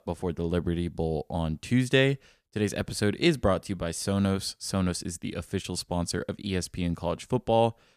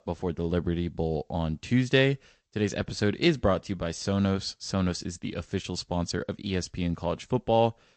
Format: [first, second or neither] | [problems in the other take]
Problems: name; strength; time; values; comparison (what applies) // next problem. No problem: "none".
first | garbled, watery; slightly; nothing above 8 kHz